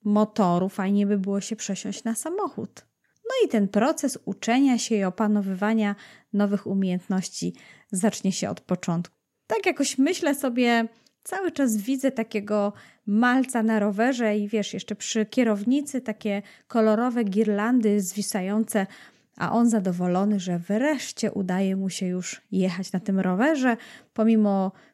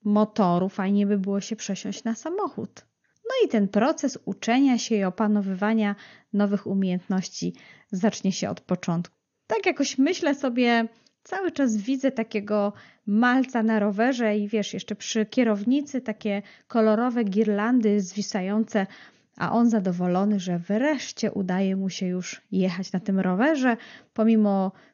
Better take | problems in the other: first | garbled, watery; slightly; nothing above 6.5 kHz

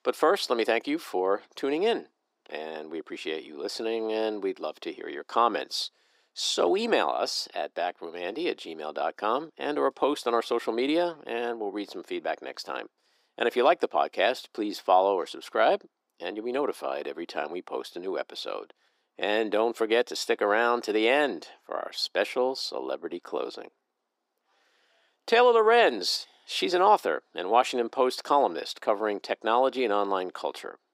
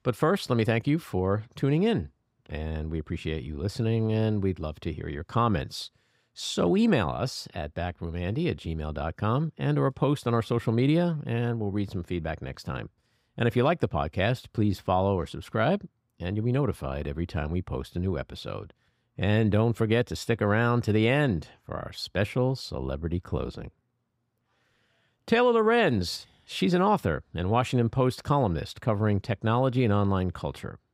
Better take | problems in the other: second | thin; very; fading below 300 Hz

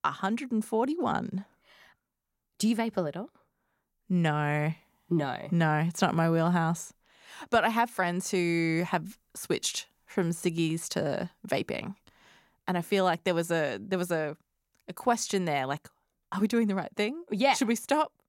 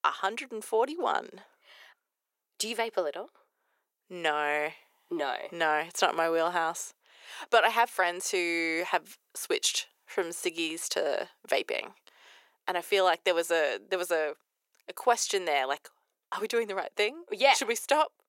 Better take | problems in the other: first | thin; very; fading below 400 Hz

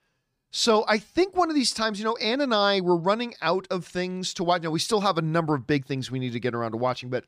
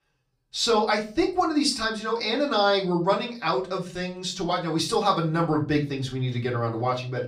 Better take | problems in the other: first | off-mic speech; far // room echo; very slight; dies away in 0.3 s

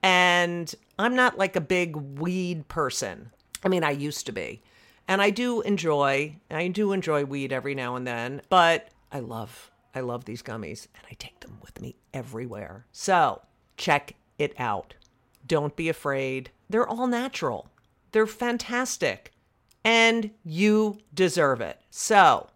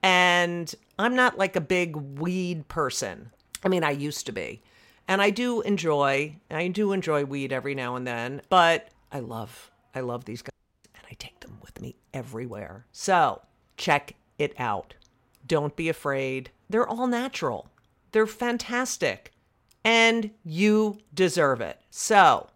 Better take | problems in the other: first | audio cutting out; at 11 s

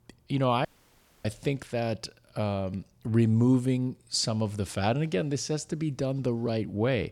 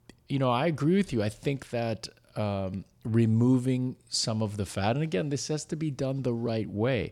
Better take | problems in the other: second | audio cutting out; at 0.5 s for 0.5 s

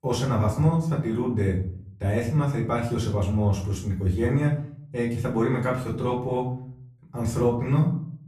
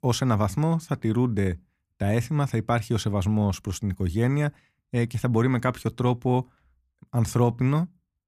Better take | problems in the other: second | off-mic speech; far // room echo; slight; dies away in 0.6 s

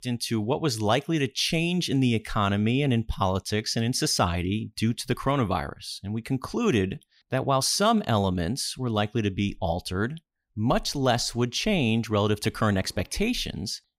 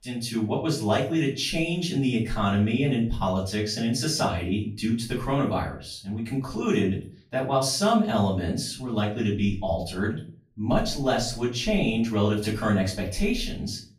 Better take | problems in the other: first | off-mic speech; far // room echo; slight; dies away in 0.3 s

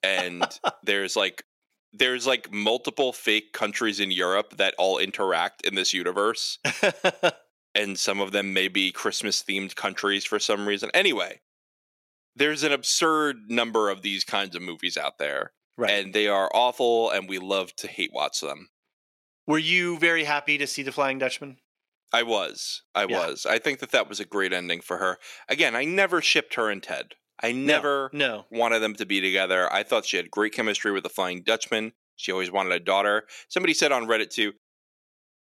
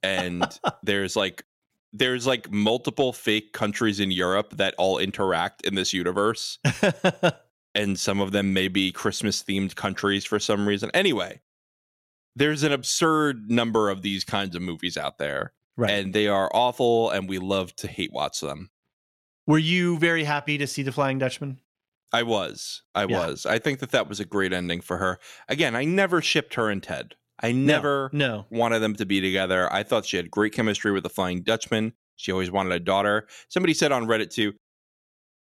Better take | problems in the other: second | thin; somewhat; fading below 350 Hz

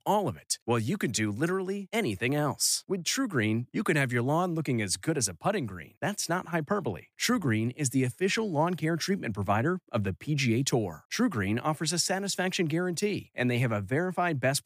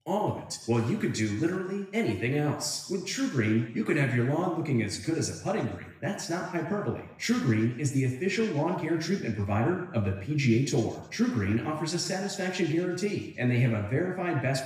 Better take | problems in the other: first | room echo; noticeable; dies away in 0.8 s // off-mic speech; far

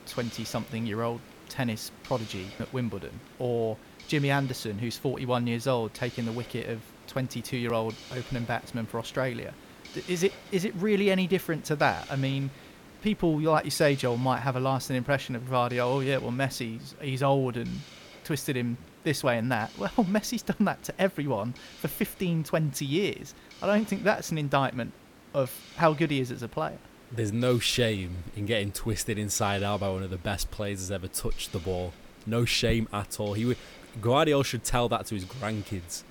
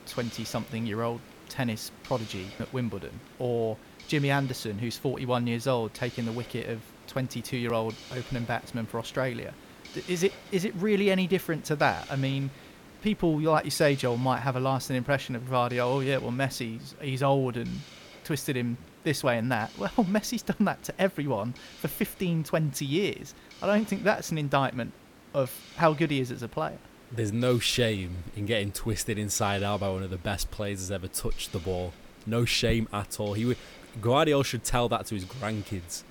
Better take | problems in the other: neither | hiss; noticeable; throughout; 20 dB below the speech; the same in both

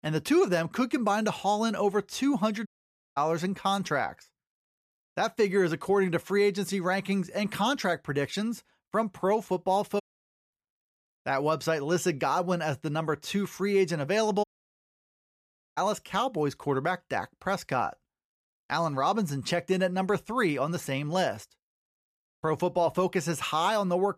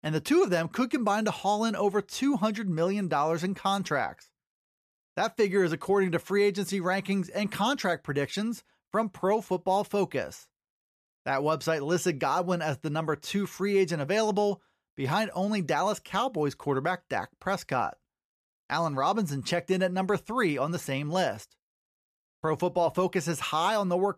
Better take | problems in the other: second | audio cutting out; at 2.5 s for 0.5 s, at 10 s for 0.5 s and at 14 s for 1.5 s

